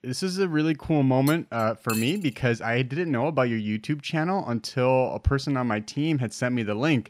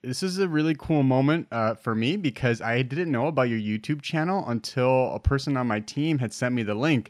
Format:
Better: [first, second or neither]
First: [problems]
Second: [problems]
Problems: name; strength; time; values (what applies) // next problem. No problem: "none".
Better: second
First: clattering dishes; noticeable; at 1.5 s; peak 8 dB below the speech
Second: none